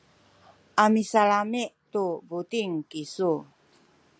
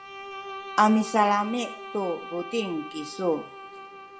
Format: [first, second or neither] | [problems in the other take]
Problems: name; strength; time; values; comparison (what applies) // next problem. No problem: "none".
first | background sound (Bowed string instrument); 13 dB below the speech // room echo; dies away in 0.7 s